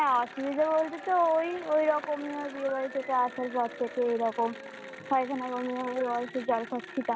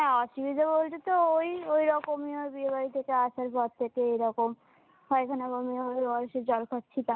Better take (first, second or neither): second